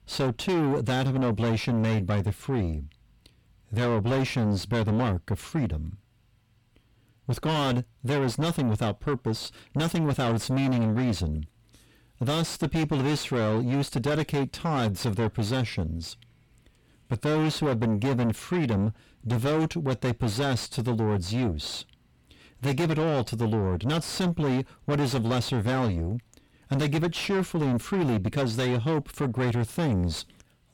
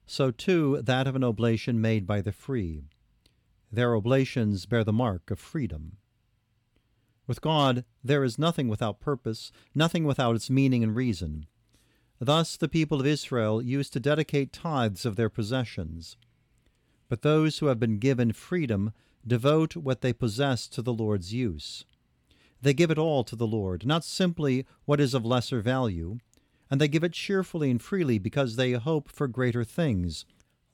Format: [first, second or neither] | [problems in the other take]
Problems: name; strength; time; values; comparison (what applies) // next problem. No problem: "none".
second | distortion; heavy; 5 dB below the speech